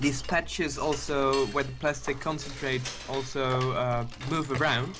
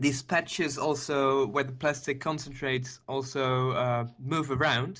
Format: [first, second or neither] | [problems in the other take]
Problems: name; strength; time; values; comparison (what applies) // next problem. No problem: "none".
second | background sound (Cutlery, silverware / Dishes, pots, and pans); 10 dB below the speech